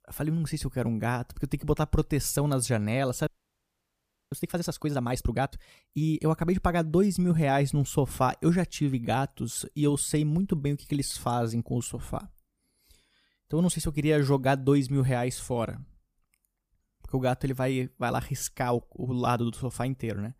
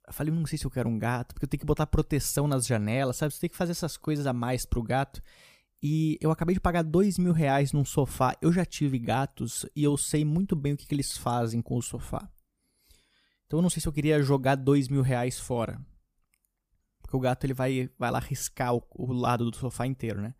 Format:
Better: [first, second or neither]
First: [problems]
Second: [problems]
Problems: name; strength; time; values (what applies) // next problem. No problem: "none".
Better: second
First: audio freezing; at 3.5 s for 1 s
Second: none